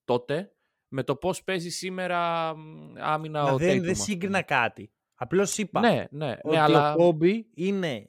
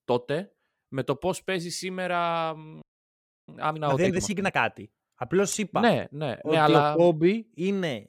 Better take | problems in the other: first | audio freezing; at 3 s for 0.5 s

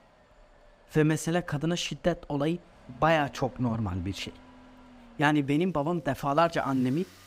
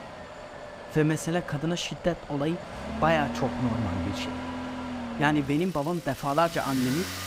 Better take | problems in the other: first | traffic noise; loud; throughout; 9 dB below the speech; faint in the first

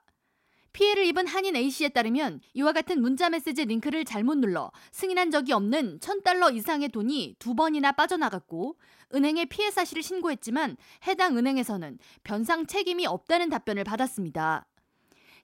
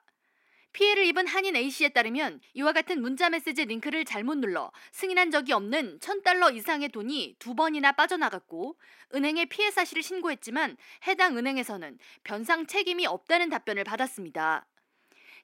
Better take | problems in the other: first | thin; very slightly; fading below 350 Hz

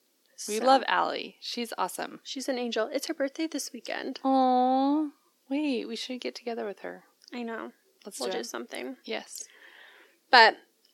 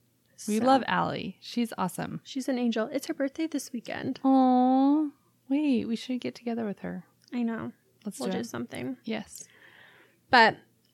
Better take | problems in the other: second | thin; very slightly; fading below 300 Hz

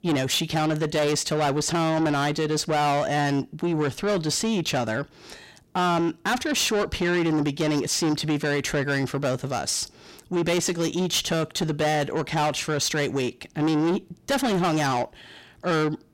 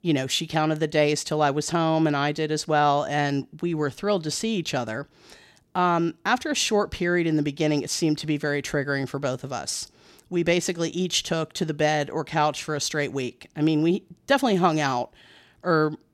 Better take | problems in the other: second | distortion; heavy; 8 dB below the speech

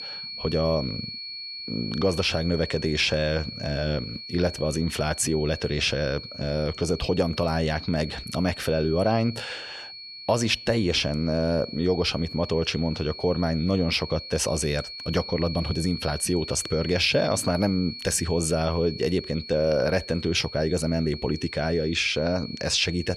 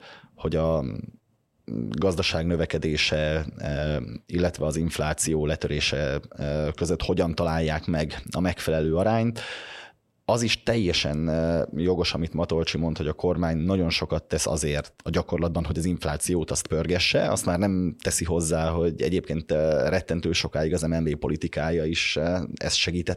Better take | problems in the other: second | high-pitched whine; noticeable; throughout; 4.5 kHz, 10 dB below the speech

